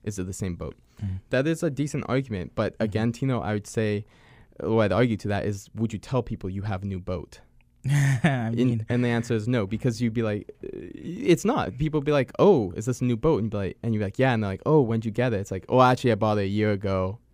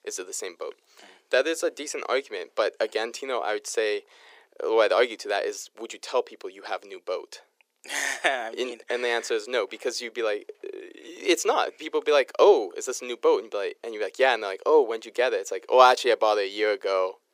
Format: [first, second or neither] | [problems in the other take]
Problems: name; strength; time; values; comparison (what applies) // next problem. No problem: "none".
first | thin; very; fading below 400 Hz